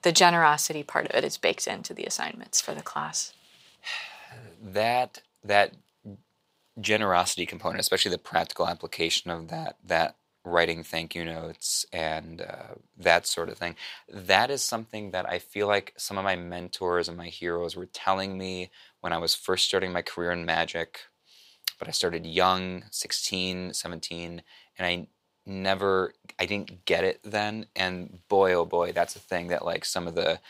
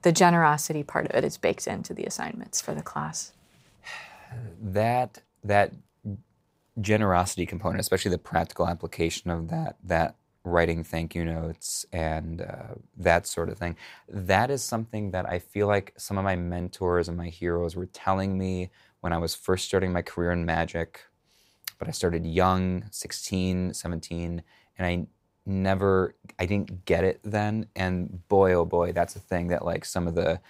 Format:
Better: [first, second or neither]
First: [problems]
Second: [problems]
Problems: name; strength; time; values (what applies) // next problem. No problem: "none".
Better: second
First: thin; somewhat; fading below 550 Hz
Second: none